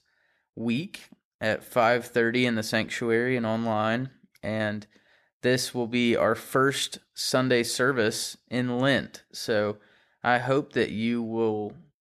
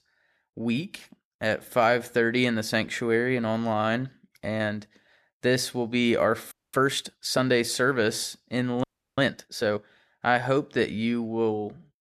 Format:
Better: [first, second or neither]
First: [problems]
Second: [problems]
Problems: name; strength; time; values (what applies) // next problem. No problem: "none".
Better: first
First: none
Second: audio freezing; at 6.5 s and at 9 s